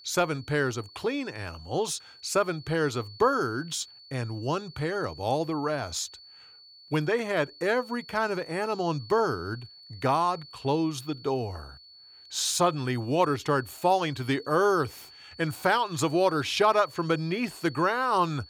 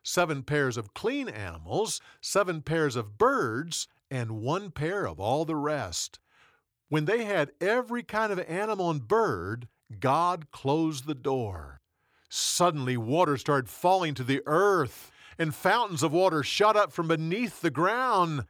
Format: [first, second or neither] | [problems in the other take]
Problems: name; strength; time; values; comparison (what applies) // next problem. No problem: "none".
second | high-pitched whine; noticeable; throughout; 4.5 kHz, 20 dB below the speech